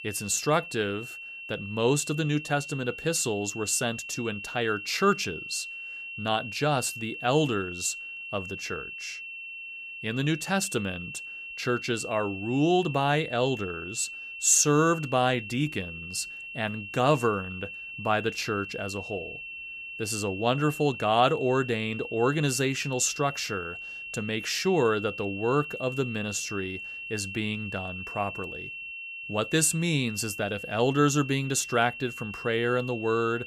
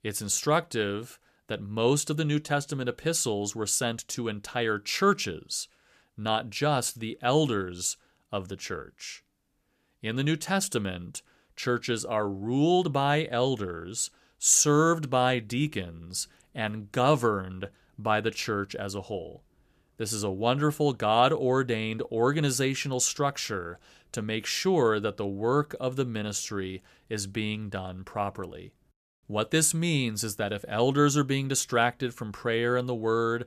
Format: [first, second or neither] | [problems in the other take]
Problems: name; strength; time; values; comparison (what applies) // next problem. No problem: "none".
second | high-pitched whine; loud; throughout; 2.5 kHz, 9 dB below the speech